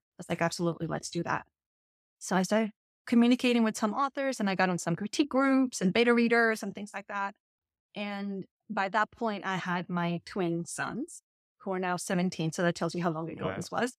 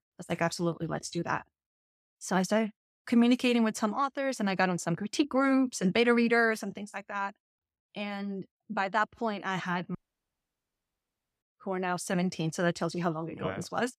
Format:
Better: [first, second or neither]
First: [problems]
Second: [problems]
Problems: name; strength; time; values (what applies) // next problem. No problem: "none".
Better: first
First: none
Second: audio cutting out; at 10 s for 1.5 s